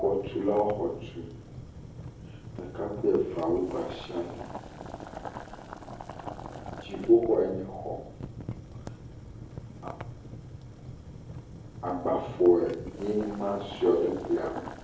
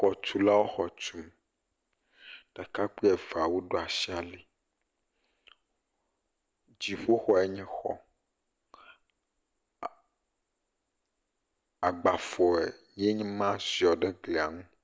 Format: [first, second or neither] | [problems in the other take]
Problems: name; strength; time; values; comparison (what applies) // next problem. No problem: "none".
second | background sound (Boiling); 11 dB below the speech // room echo; dies away in 0.7 s